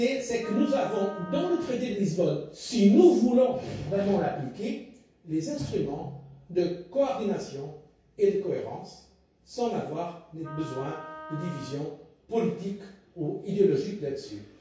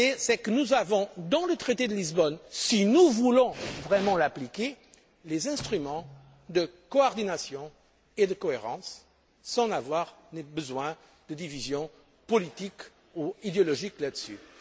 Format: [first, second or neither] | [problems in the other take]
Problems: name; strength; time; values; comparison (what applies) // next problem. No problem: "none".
second | background sound (Wind instrument, woodwind instrument); 16 dB below the speech // room echo; dies away in 0.6 s